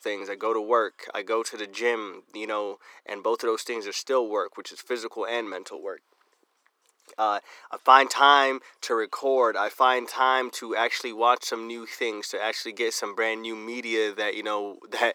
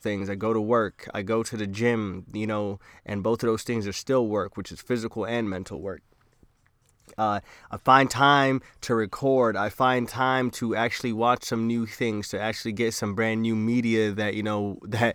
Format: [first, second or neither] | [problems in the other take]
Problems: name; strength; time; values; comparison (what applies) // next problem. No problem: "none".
second | thin; very; fading below 350 Hz